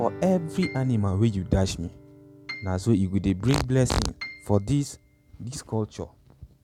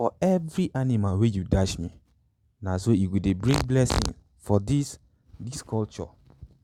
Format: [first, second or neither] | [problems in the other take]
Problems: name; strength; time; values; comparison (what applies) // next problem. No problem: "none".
second | background sound (Piano + Guitar); 17 dB below the speech